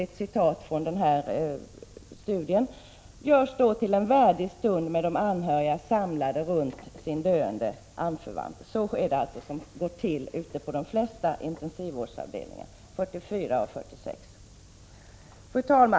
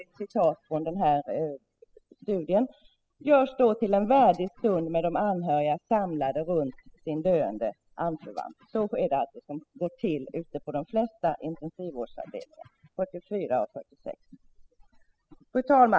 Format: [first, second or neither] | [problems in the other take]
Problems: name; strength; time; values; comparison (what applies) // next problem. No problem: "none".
first | noise reduction (classical method spectral subtraction)